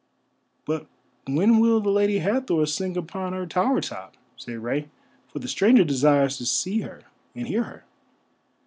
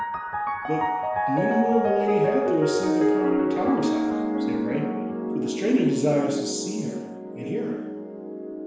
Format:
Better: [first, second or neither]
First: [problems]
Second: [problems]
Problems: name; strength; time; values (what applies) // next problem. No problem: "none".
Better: first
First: none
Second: background sound (Piano); 2 dB above the speech // room echo; dies away in 1 s